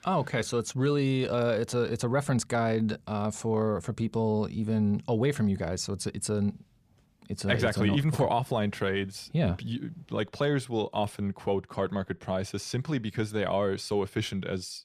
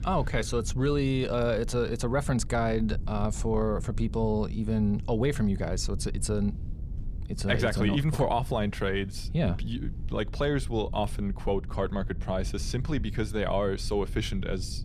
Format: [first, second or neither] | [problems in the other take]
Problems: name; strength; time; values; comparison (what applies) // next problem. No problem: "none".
first | low rumble; faint; throughout; 20 dB below the speech